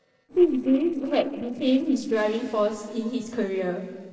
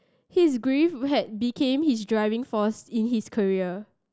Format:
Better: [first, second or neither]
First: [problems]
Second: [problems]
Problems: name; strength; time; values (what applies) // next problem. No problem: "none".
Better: second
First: noise reduction (neural separator model SepFormer DNS4)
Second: none